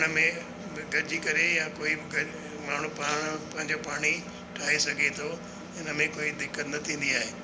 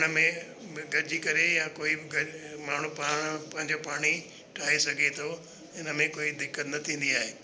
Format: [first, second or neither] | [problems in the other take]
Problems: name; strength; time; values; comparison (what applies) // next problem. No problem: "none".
second | background sound (Engine); 12 dB below the speech